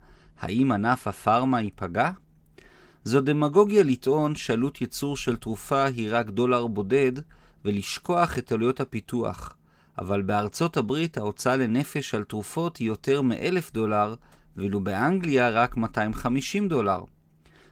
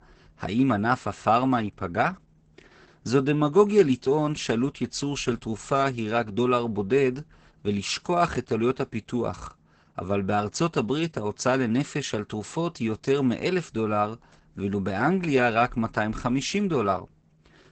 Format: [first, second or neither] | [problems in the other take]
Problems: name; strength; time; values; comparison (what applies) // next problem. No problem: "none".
first | garbled, watery; badly; nothing above 8 kHz; slightly in the first